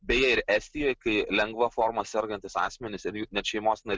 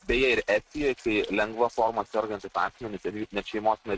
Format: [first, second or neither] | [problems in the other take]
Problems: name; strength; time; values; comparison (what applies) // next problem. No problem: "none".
first | noise reduction (neural mask model RNNoise)